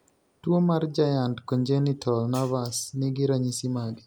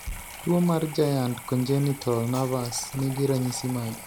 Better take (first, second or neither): first